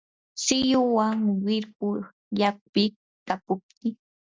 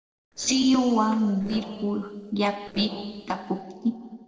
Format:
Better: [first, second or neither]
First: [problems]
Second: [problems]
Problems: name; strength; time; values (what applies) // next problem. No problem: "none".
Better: first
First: none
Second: noise reduction (neural separator model SepFormer DNS4)